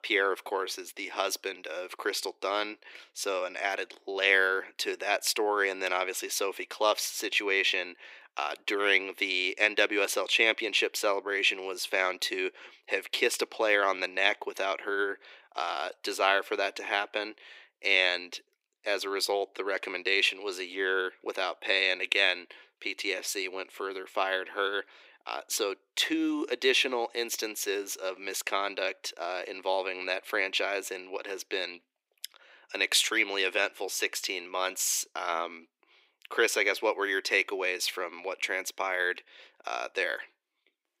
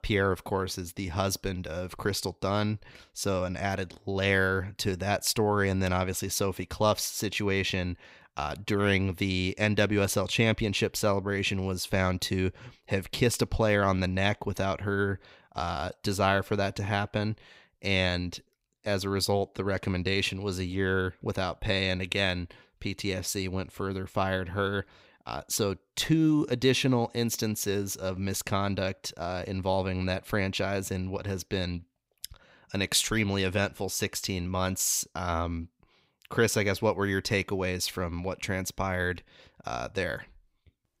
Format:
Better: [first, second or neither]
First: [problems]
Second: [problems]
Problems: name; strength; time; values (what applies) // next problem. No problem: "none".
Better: second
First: thin; very; fading below 350 Hz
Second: none